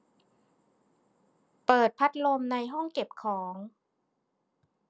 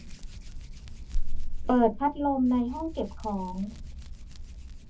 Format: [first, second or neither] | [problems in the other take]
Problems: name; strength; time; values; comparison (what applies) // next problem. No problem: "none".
first | background sound (Hands); 1 dB below the speech // room echo; dies away in 0.3 s